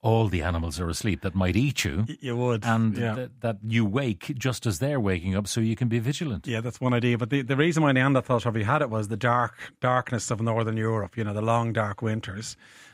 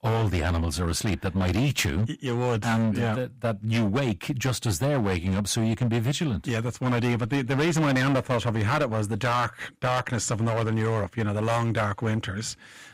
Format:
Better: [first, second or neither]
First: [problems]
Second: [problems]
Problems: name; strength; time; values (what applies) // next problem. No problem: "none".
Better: first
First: none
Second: distortion; heavy; 14% of the sound clipped